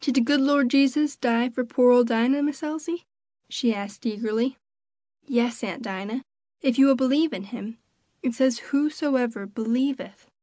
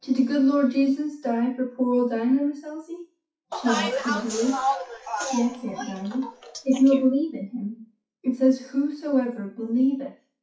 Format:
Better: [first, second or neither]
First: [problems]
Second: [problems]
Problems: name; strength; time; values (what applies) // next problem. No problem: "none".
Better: first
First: none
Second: noise reduction (classical method WPE with log-MMSE)